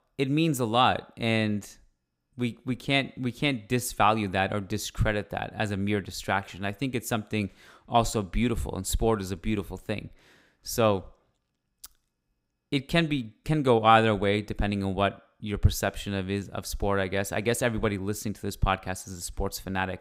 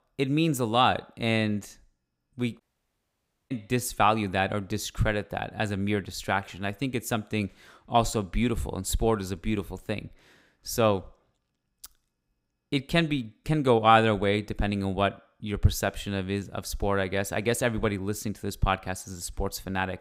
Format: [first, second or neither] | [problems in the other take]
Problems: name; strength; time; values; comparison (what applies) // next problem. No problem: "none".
first | audio cutting out; at 2.5 s for 1 s